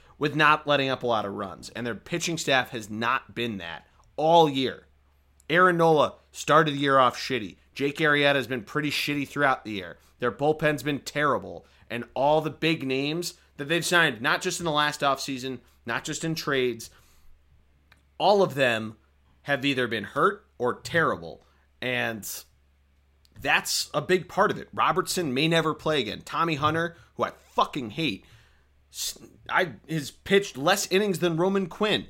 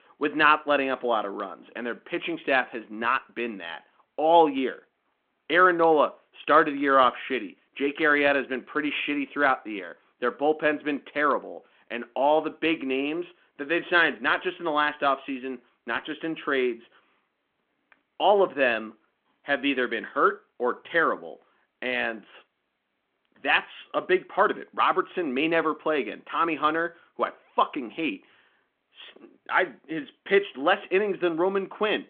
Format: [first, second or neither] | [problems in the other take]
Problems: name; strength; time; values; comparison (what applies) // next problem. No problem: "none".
first | phone-call audio